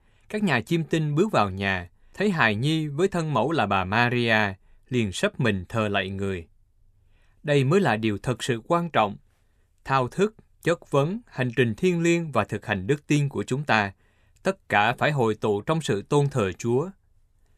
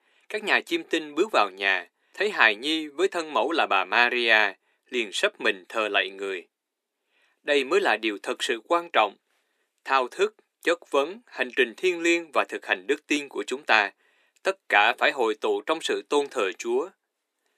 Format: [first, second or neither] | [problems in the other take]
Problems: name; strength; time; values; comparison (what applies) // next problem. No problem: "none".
first | thin; very; fading below 300 Hz